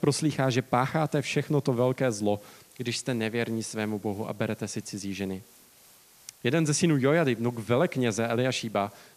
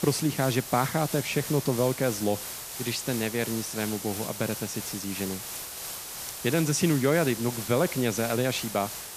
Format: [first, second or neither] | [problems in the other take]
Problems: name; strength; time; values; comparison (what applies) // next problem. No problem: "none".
first | hiss; loud; throughout; 7 dB below the speech; faint in the first